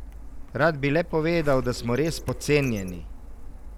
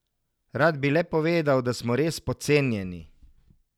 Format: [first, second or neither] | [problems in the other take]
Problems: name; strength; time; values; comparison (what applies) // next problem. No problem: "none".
second | background sound (Printer); 10 dB below the speech